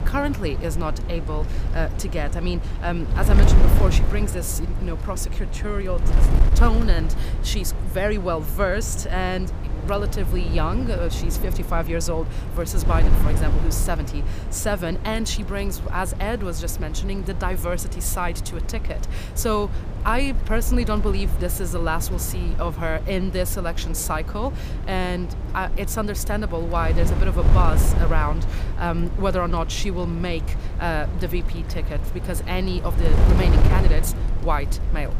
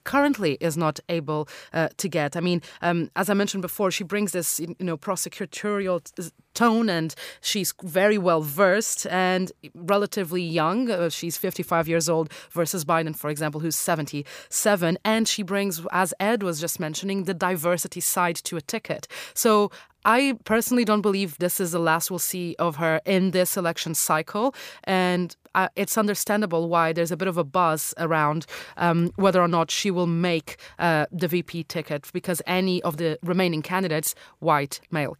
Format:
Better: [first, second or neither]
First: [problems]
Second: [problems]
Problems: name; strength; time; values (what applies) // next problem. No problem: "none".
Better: second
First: wind noise on the microphone; heavy; 9 dB below the speech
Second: none